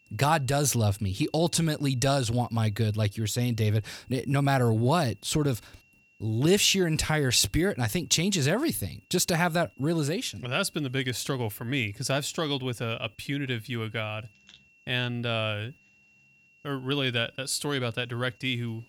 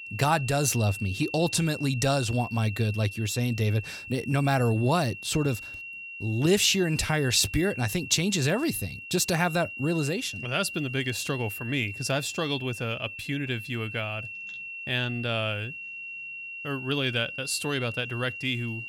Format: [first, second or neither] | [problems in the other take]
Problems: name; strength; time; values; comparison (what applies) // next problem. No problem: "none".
first | high-pitched whine; loud; throughout; 2.5 kHz, 10 dB below the speech; faint in the first